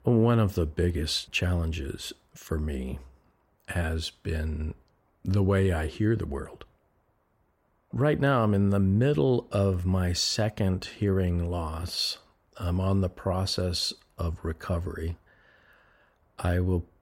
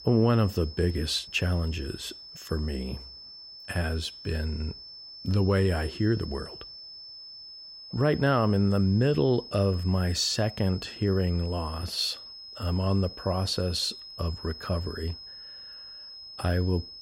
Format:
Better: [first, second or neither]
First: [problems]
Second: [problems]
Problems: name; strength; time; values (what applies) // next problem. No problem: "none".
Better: first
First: none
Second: high-pitched whine; noticeable; throughout; 5 kHz, 15 dB below the speech